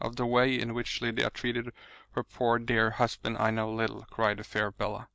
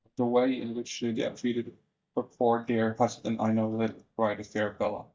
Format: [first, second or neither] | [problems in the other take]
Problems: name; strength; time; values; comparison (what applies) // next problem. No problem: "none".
first | noise reduction (neural mask model DeepFilterNet 3)